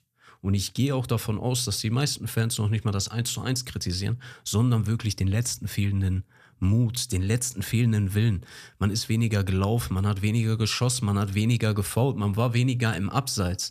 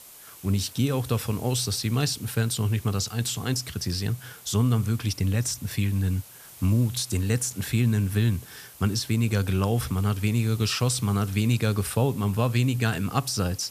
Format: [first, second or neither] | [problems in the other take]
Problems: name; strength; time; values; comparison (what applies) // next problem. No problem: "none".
first | hiss; noticeable; throughout; 20 dB below the speech